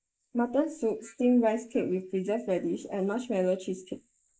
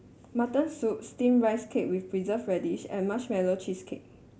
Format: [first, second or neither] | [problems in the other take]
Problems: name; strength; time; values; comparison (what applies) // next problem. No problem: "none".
second | noise reduction (neural mask model Resemble Enhance denoiser)